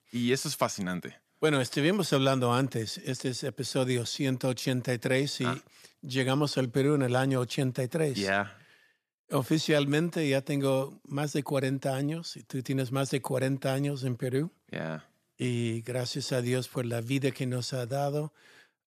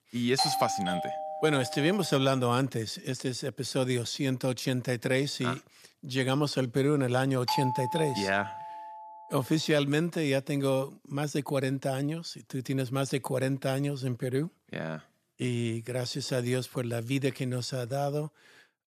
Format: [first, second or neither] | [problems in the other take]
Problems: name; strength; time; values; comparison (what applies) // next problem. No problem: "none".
first | doorbell; loud; until 2 s; peak 2 dB above the speech // doorbell; noticeable; from 7.5 to 9 s; peak level with the speech